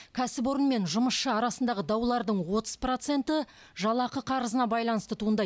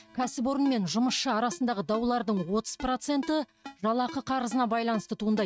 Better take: first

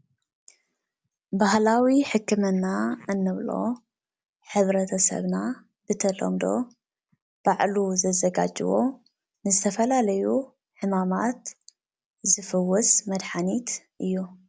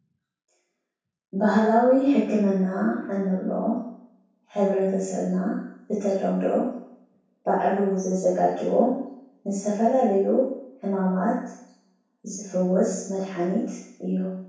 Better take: first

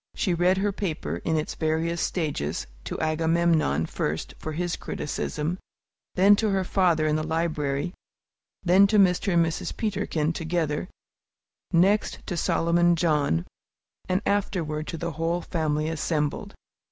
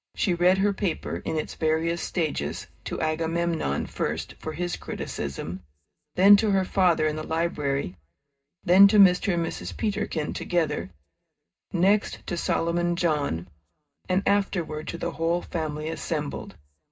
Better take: first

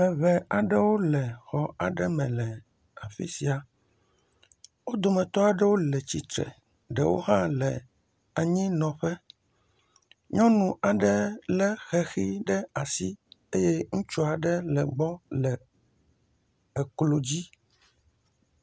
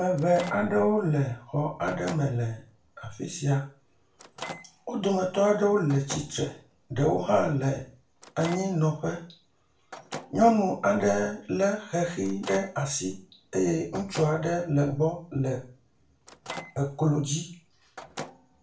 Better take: first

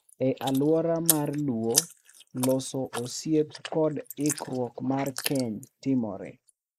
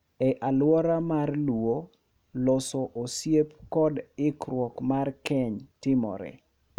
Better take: second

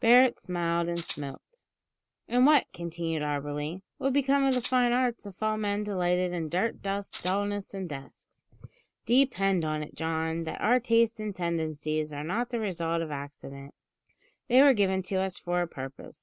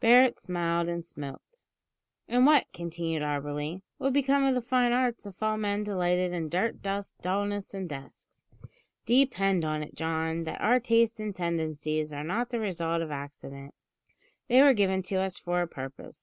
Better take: second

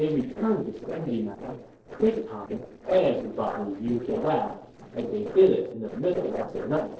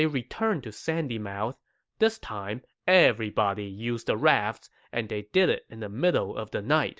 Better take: second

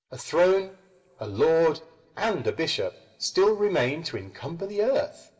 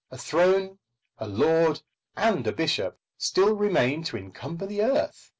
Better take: second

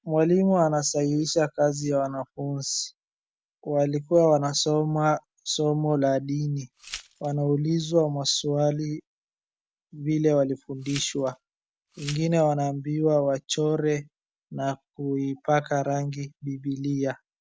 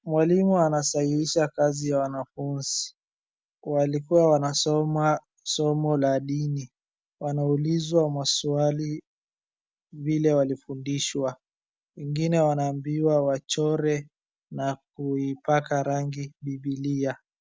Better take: second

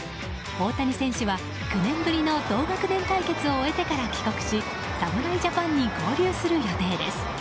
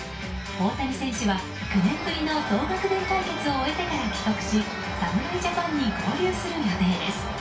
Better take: first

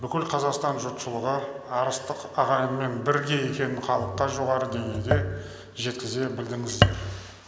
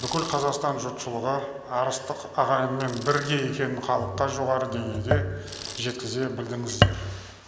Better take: first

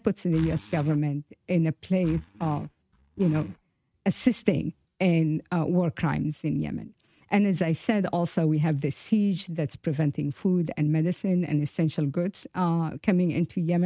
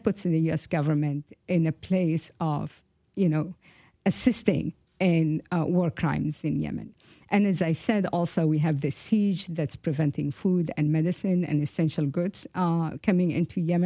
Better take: second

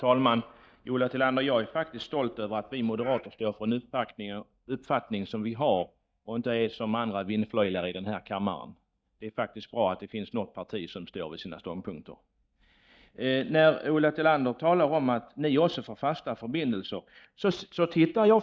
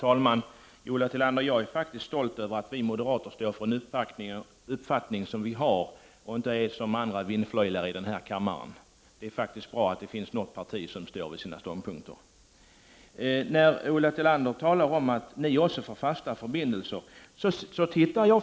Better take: second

